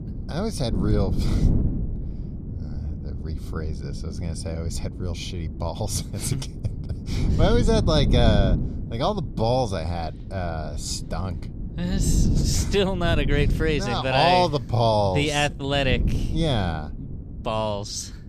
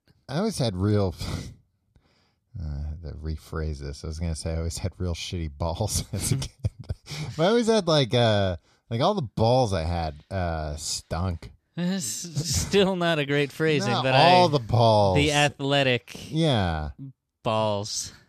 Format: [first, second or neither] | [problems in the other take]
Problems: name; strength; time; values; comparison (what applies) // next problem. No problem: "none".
second | wind noise on the microphone; occasional gusts; 15 dB below the speech